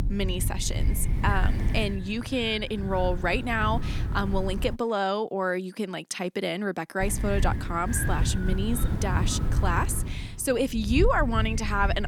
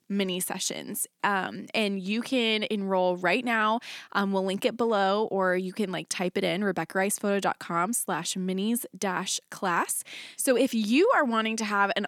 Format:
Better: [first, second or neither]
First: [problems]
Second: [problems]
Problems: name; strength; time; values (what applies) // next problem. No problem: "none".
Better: second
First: wind noise on the microphone; occasional gusts; until 5 s and from 7 s on; 10 dB below the speech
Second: none